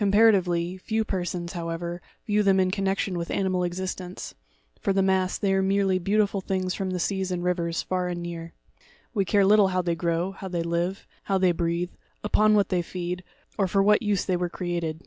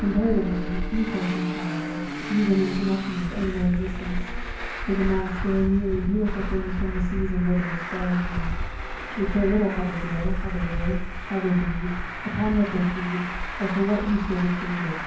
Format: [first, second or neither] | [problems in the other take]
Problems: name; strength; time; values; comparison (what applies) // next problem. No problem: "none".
first | background sound (Traffic noise, roadway noise); 4 dB below the speech // room echo; dies away in 0.9 s